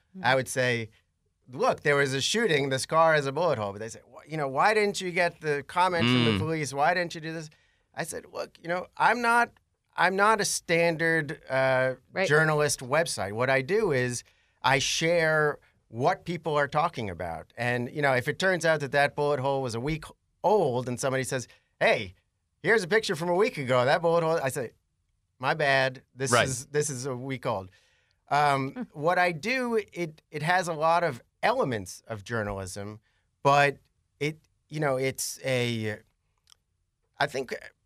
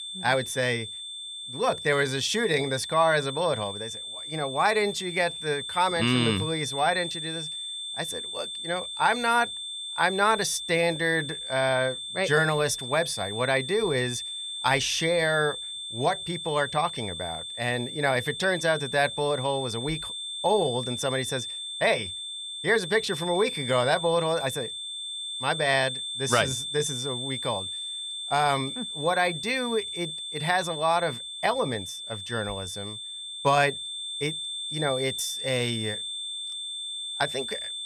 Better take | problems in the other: first | high-pitched whine; loud; throughout; 3.5 kHz, 6 dB below the speech

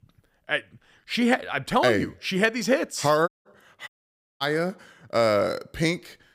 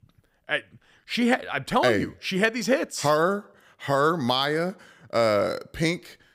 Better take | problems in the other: second | audio cutting out; at 3.5 s and at 4 s for 0.5 s

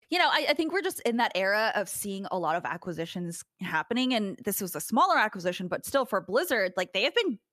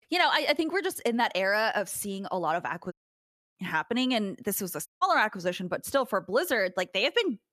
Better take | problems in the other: first | audio cutting out; at 3 s for 0.5 s and at 5 s

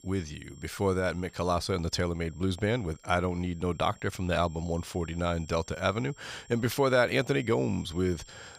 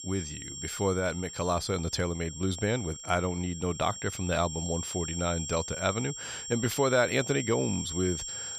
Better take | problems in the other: first | high-pitched whine; loud; throughout; 7.5 kHz, 7 dB below the speech; faint in the first

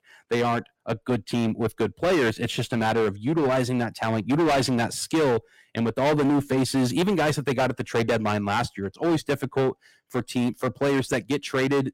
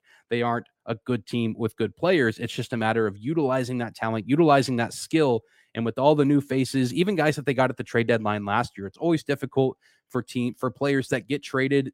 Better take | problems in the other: second | distortion; heavy; 16% of the sound clipped

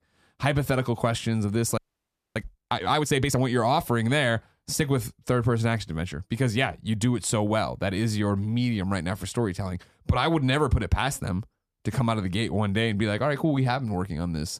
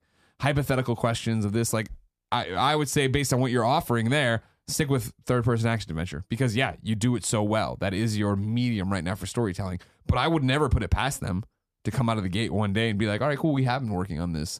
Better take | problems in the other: second | audio freezing; at 2 s for 0.5 s

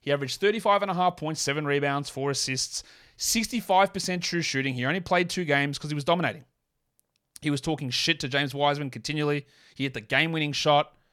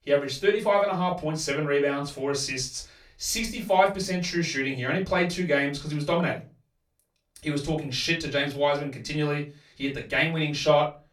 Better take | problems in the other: first | off-mic speech; far // room echo; very slight; dies away in 0.2 s

